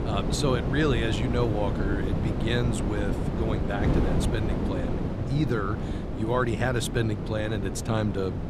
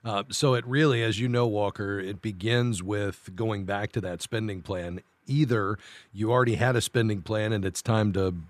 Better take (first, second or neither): second